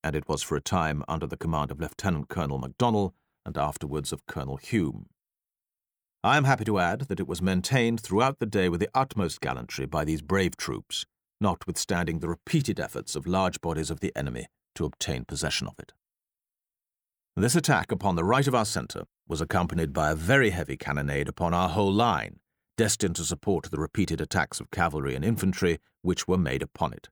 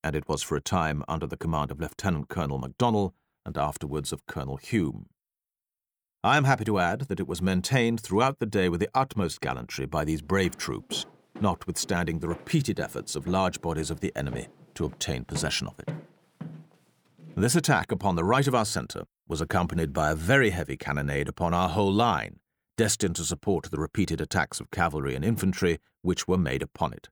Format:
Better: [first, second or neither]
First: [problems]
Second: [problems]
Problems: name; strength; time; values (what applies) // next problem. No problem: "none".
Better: first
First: none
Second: footsteps; faint; from 10 to 17 s; peak 10 dB below the speech